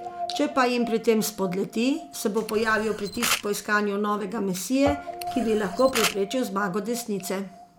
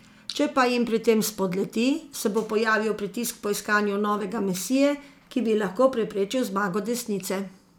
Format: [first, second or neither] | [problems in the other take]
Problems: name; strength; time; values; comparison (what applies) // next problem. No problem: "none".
second | background sound (Camera + Guitar); 9 dB below the speech